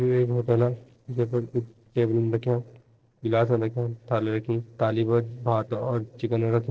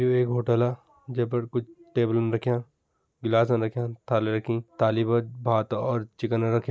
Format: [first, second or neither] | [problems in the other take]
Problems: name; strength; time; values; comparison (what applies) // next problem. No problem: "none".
second | noise reduction (neural separator model SepFormer DNS4)